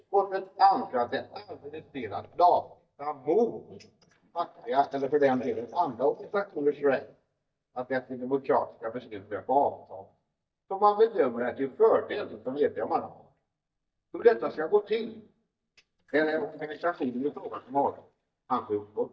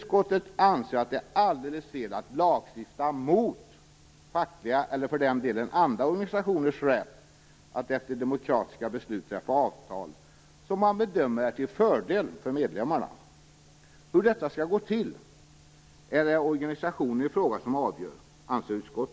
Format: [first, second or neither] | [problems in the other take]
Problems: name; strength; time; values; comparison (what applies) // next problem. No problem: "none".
second | noise reduction (neural mask model DeepFilterNet 3)